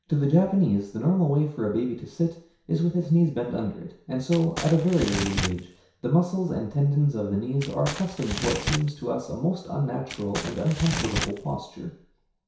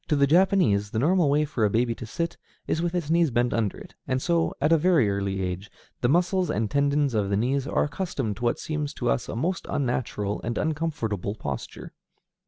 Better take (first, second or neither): second